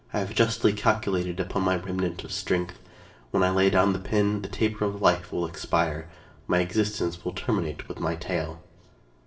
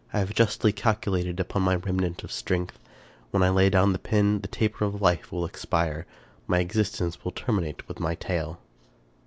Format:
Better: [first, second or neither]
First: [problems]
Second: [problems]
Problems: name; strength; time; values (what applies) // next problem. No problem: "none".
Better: second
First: room echo; dies away in 0.5 s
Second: none